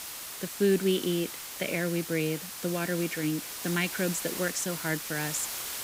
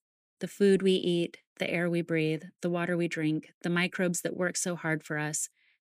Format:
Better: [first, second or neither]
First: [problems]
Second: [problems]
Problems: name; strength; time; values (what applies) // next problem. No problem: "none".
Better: second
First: hiss; loud; throughout; 5 dB below the speech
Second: none